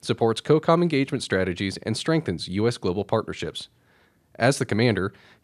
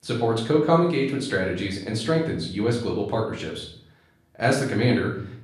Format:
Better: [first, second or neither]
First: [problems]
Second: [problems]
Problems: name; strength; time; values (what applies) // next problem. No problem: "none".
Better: first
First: none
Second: room echo; slight; dies away in 0.5 s // off-mic speech; far